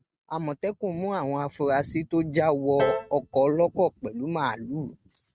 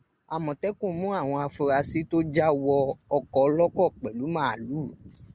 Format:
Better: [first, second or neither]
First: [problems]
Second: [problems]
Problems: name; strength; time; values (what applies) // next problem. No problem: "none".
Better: second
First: noise reduction (neural mask model RNNoise)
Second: none